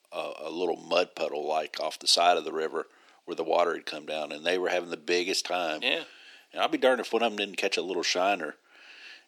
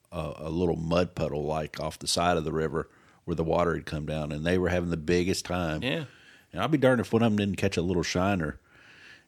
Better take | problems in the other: second | thin; somewhat; fading below 300 Hz

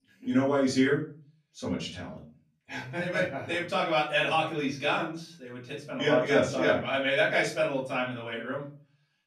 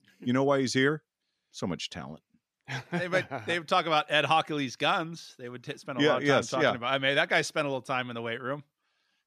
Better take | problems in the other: second | room echo; slight; dies away in 0.4 s // off-mic speech; far

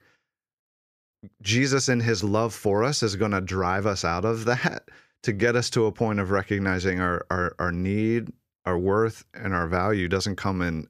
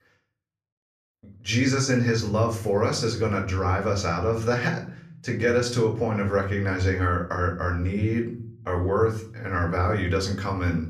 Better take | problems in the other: first | room echo; slight; dies away in 0.6 s // off-mic speech; somewhat distant

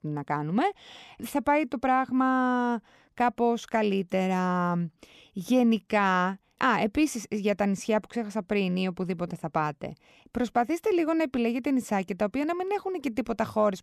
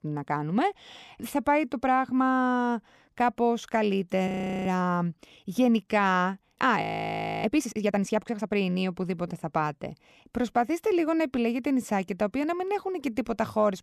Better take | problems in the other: first | audio freezing; at 4.5 s and at 7 s for 0.5 s

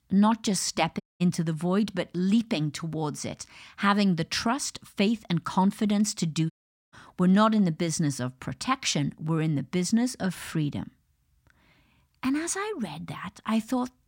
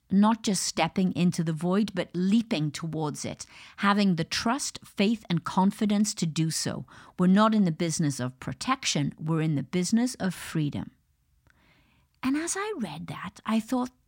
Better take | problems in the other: second | audio cutting out; at 1 s and at 6.5 s

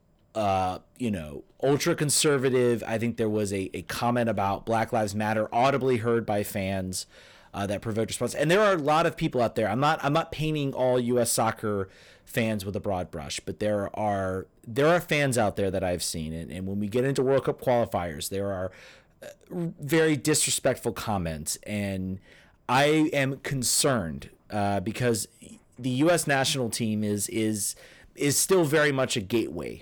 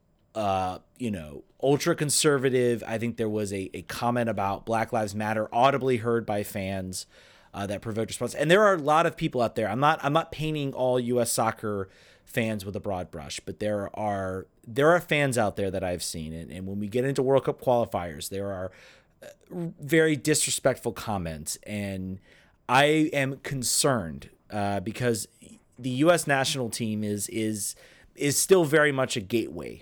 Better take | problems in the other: second | distortion; slight; 10 dB below the speech

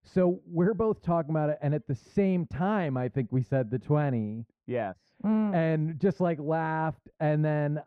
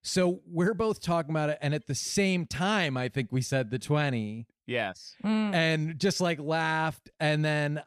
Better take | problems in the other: second | muffled; very; fading above 2.5 kHz

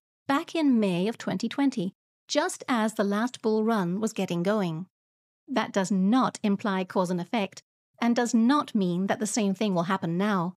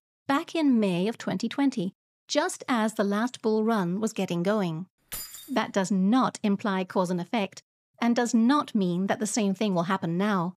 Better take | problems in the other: first | jangling keys; noticeable; at 5 s; peak 10 dB below the speech

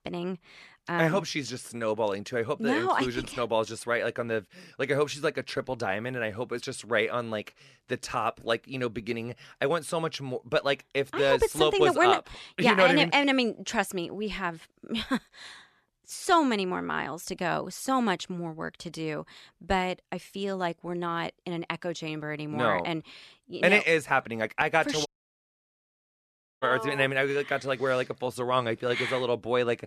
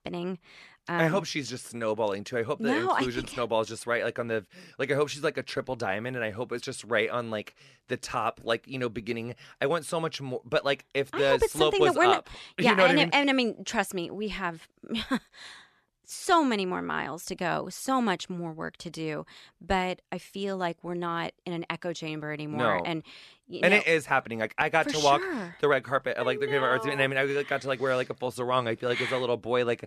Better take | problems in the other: second | audio cutting out; at 25 s for 1.5 s

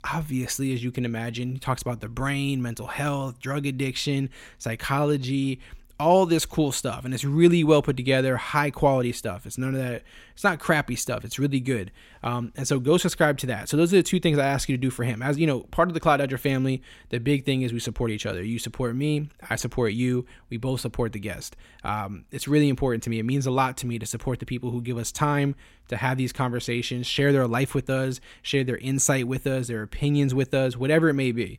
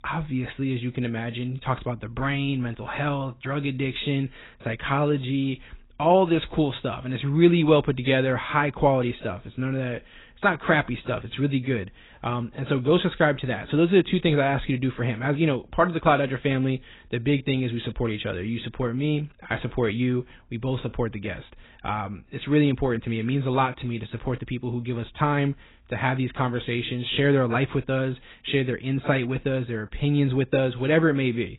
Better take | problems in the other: first | garbled, watery; badly; nothing above 4 kHz

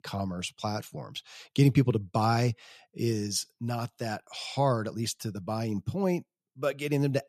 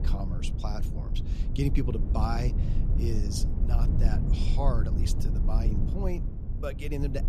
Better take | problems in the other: first | low rumble; loud; throughout; 5 dB below the speech

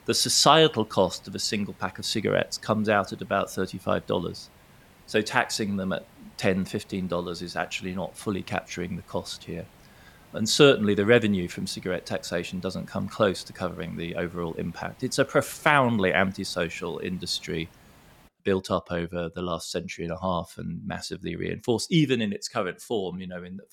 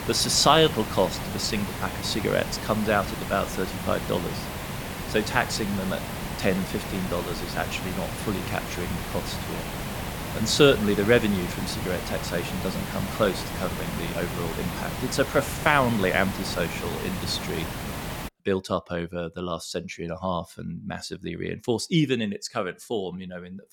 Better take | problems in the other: first | hiss; loud; until 18 s; 6 dB below the speech; faint in the first

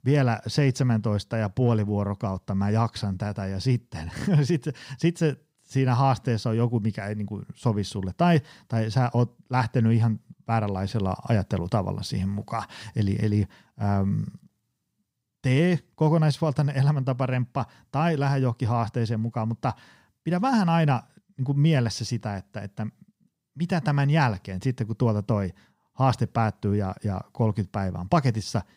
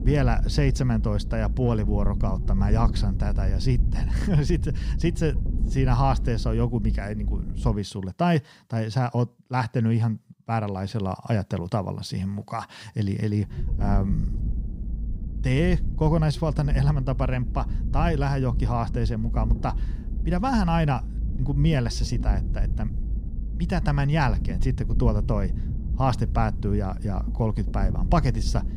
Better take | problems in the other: first | low rumble; noticeable; until 7.5 s and from 13 s on; 15 dB below the speech

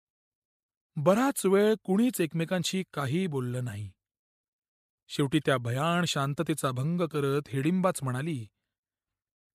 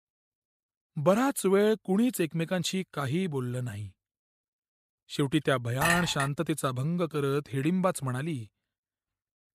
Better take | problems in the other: first | clattering dishes; loud; at 6 s; peak 1 dB above the speech

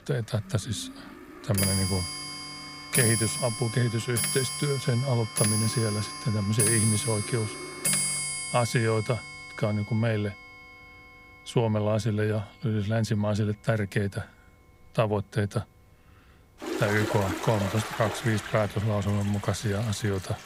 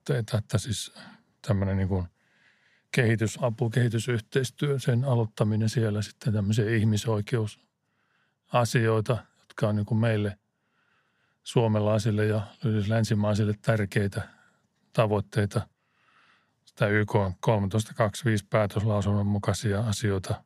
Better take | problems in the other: second | household noises; loud; throughout; 2 dB below the speech

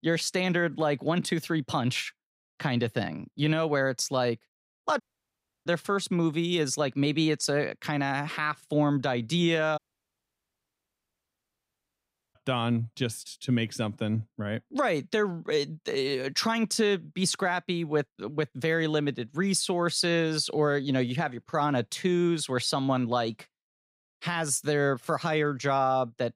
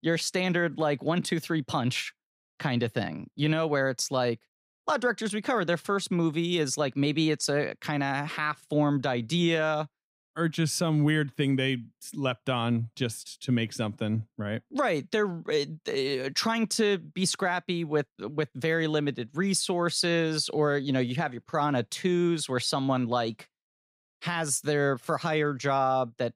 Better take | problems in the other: second | audio cutting out; at 5 s for 0.5 s and at 10 s for 2.5 s

